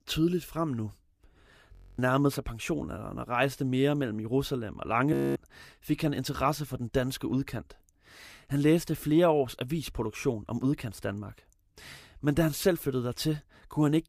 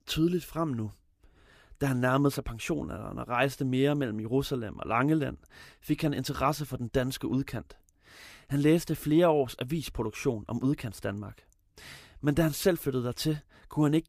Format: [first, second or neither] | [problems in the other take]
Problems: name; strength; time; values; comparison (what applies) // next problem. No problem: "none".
second | audio freezing; at 1.5 s and at 5 s